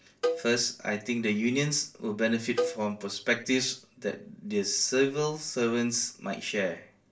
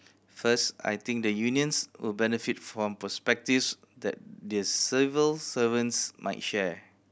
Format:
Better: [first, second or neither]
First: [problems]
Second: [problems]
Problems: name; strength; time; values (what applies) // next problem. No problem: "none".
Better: second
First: background sound (Cowbell); 7 dB below the speech // room echo; dies away in 0.3 s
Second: none